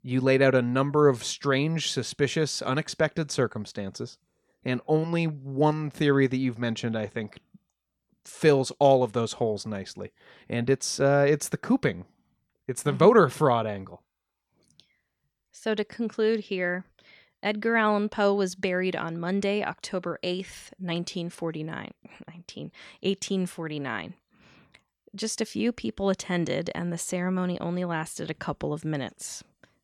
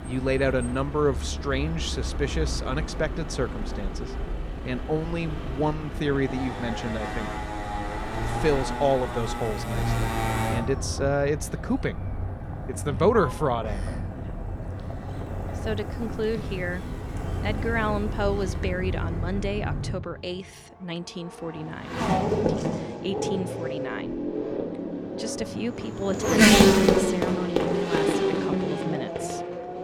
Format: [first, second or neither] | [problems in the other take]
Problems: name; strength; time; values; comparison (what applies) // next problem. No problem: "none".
first | traffic noise; very loud; throughout; 1 dB above the speech